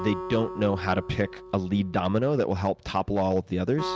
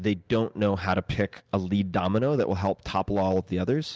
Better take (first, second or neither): second